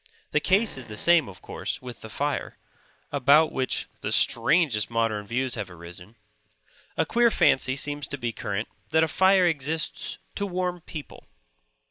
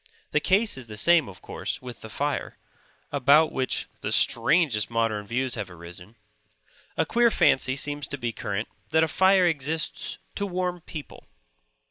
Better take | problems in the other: second | background sound (Fart); 18 dB below the speech

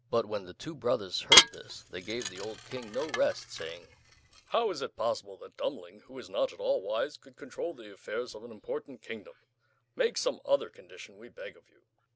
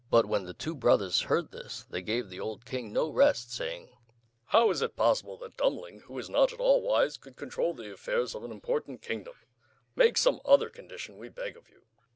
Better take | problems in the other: second | background sound (Dishes, pots, and pans / Glass); 5 dB above the speech

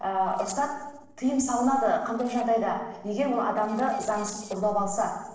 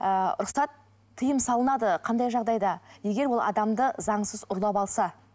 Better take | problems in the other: second | noise reduction (neural separator model SepFormer DNS4)

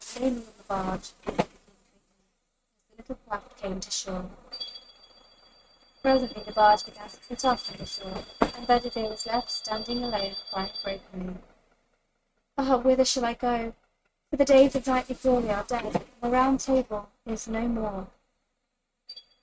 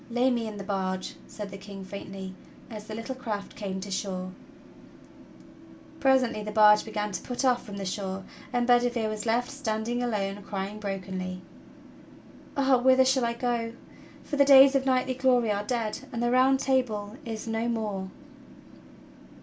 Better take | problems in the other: second | noise reduction (neural mask model RNNoise)

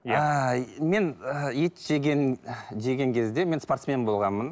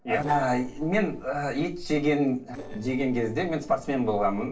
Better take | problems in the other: first | noise reduction (neural separator model SepFormer DNS4)

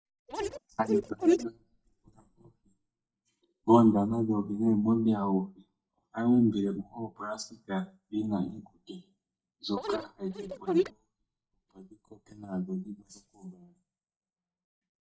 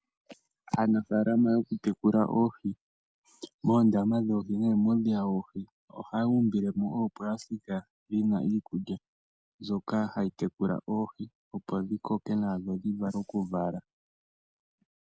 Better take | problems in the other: second | noise reduction (neural mask model DeepFilterNet 3)

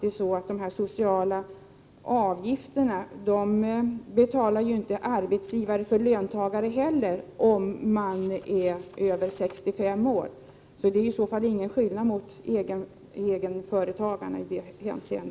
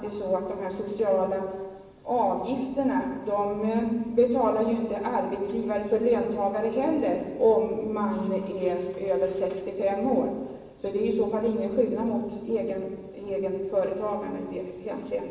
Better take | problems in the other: first | room echo; dies away in 1.1 s

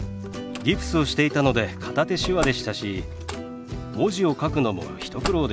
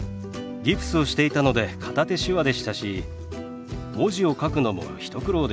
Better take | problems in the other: second | background sound (Slam); 14 dB below the speech

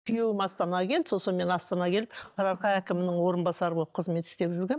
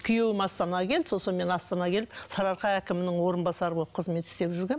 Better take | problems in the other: second | noise reduction (neural mask model DeepFilterNet 3)

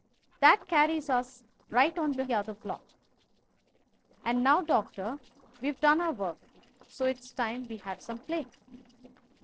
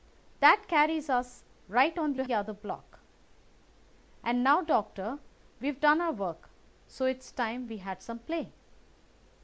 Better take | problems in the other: second | noise reduction (neural separator model SepFormer DNS4)

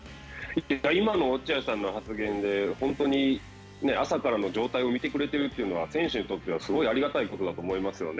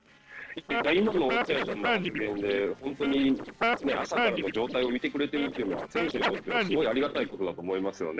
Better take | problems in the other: first | noise reduction (neural separator model SepFormer DNS4)

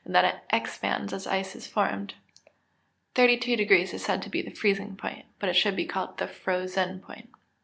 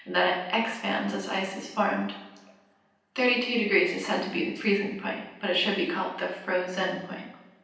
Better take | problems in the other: first | room echo; dies away in 0.9 s

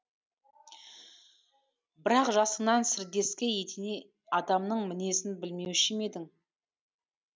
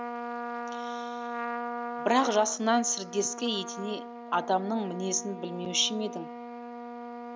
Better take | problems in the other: first | background sound (Trumpet); 7 dB below the speech

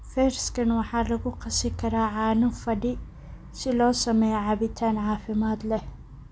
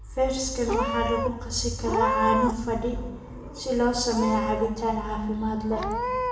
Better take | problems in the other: first | background sound (Meow / Purr); 4 dB below the speech // room echo; dies away in 1.1 s

